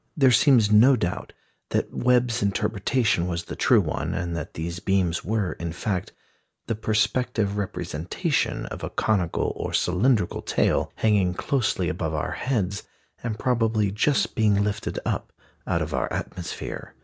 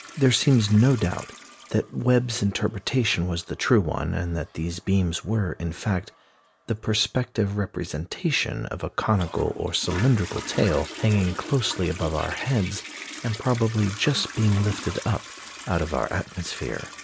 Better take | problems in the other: first | background sound (Toilet flush); 16 dB below the speech

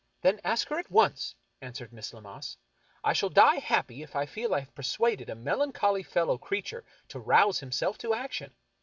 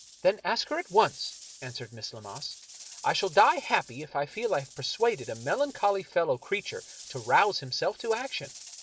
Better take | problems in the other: first | background sound (Rattle / Rattle (instrument)); 20 dB below the speech

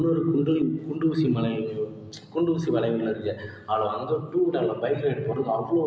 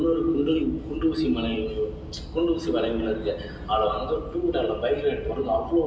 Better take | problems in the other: first | background sound (Subway, metro, underground / Train); 12 dB below the speech // room echo; dies away in 0.2 s

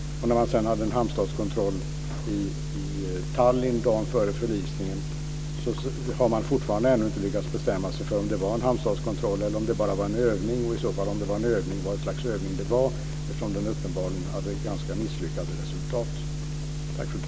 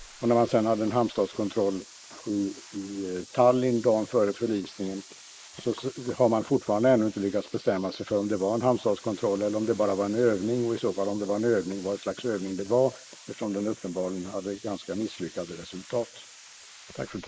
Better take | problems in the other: first | noise reduction (neural mask model Resemble Enhance denoiser)

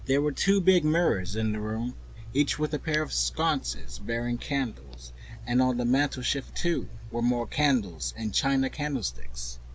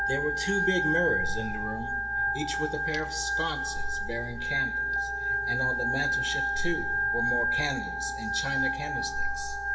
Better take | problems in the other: first | background sound (Organ); 3 dB above the speech // room echo; dies away in 0.9 s

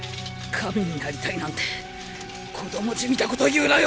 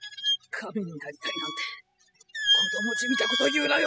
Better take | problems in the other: first | noise reduction (classical method spectral subtraction)

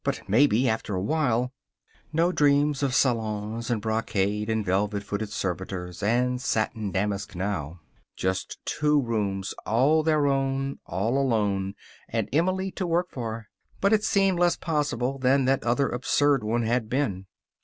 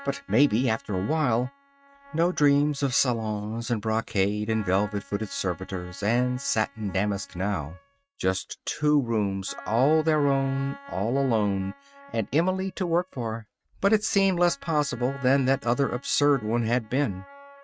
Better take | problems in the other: first | noise reduction (neural mask model RNNoise)

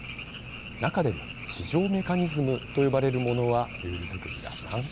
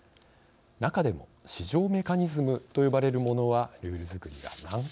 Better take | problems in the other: second | background sound (Frog); 11 dB below the speech

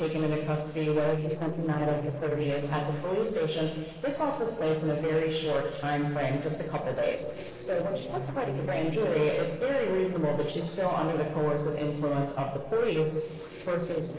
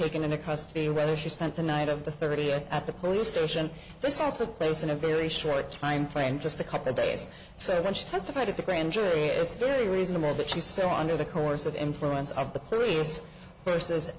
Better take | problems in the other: second | noise reduction (neural separator model SepFormer DNS4)

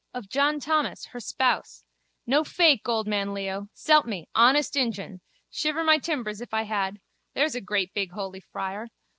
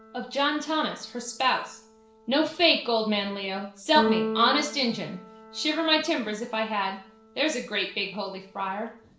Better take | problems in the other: first | background sound (Keyboard (musical)); 10 dB below the speech // room echo; dies away in 0.5 s

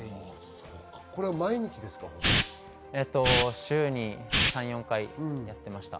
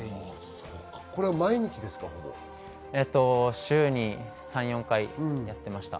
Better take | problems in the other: second | background sound (Hiss); 1 dB above the speech

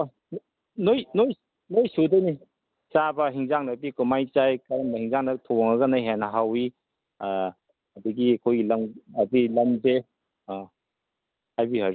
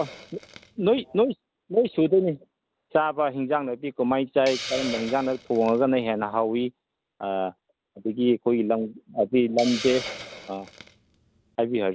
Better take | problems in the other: first | background sound (Hiss); 17 dB below the speech

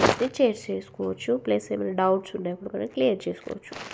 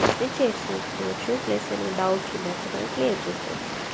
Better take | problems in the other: first | background sound (Water); 4 dB below the speech

